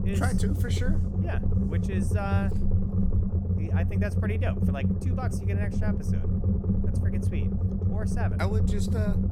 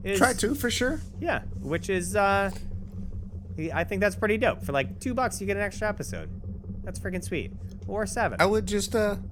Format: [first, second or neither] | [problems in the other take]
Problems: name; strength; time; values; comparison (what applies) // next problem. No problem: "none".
second | low rumble; loud; throughout; 1 dB below the speech; faint in the second